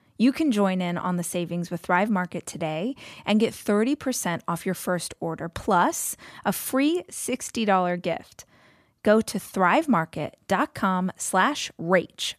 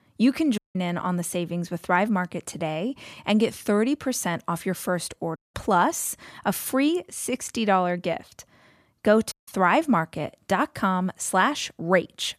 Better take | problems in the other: first | audio cutting out; at 0.5 s, at 5.5 s and at 9.5 s

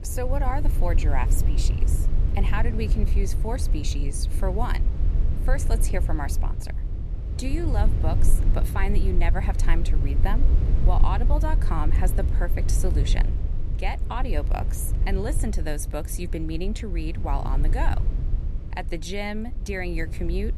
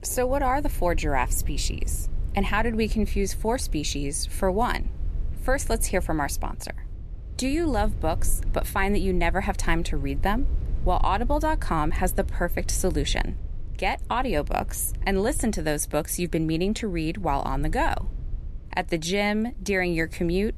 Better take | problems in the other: second | low rumble; loud; throughout; 9 dB below the speech; faint in the second

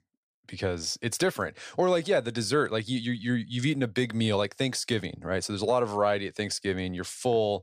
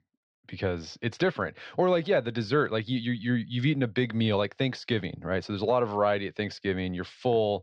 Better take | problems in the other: first | muffled; slightly; fading above 4 kHz

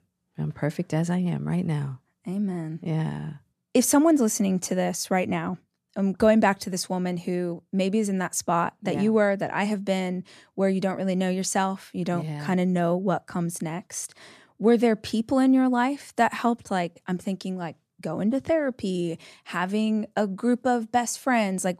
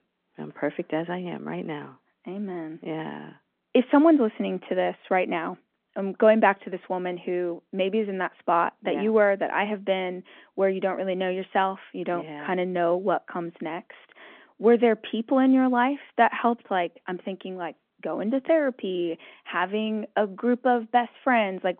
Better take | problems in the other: first | phone-call audio

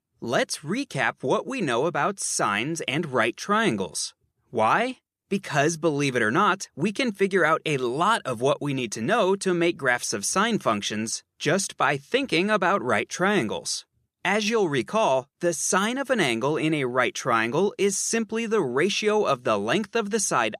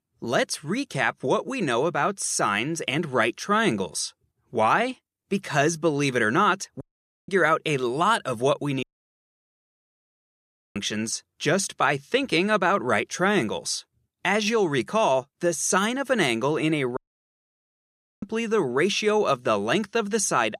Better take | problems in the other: first | audio cutting out; at 7 s, at 9 s for 2 s and at 17 s for 1.5 s

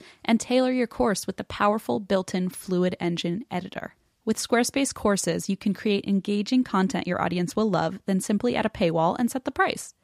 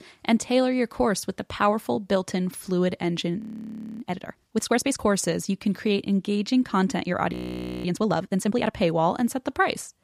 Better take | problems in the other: first | audio freezing; at 3.5 s for 0.5 s and at 7.5 s for 0.5 s

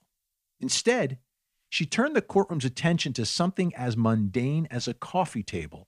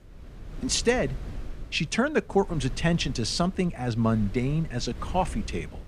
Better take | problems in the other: first | wind noise on the microphone; occasional gusts; 20 dB below the speech

